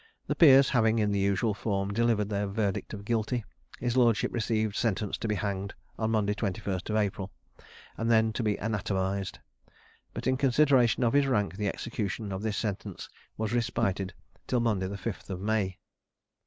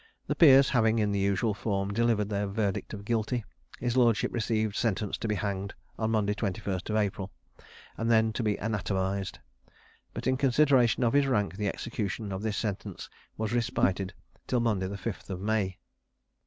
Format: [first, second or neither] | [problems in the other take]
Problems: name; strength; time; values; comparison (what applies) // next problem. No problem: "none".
second | noise reduction (neural mask model Resemble Enhance denoiser)